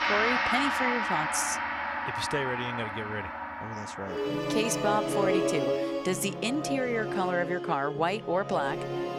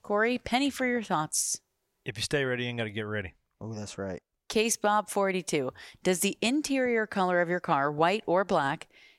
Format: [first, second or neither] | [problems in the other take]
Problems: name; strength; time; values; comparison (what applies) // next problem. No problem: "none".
second | background music; very loud; throughout; as loud as the speech